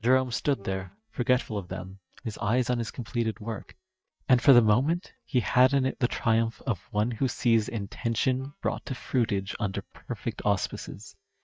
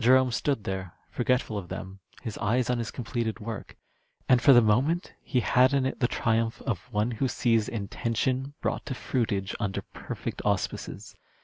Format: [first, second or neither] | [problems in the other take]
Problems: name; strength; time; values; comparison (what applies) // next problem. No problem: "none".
second | noise reduction (neural mask model DeepFilterNet 3)